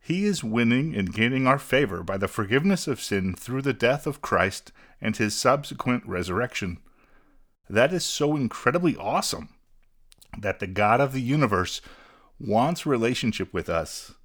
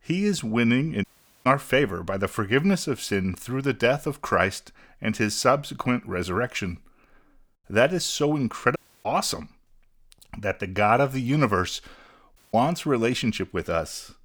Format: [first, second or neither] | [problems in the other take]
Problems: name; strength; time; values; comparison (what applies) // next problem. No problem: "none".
first | audio cutting out; at 1 s, at 9 s and at 12 s